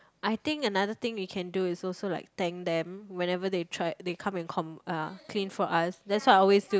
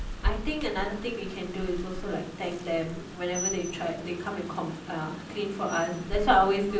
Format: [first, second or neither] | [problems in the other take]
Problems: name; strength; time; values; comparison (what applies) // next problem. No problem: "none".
first | background sound (Rain); 6 dB below the speech // room echo; dies away in 0.6 s